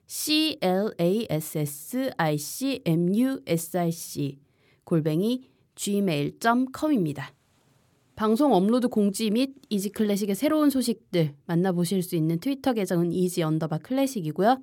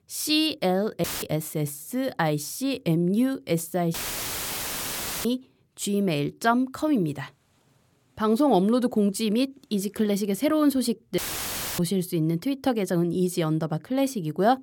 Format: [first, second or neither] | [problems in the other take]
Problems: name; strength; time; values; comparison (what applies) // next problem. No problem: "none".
first | audio cutting out; filled with static; at 1 s, at 4 s for 1.5 s and at 11 s for 0.5 s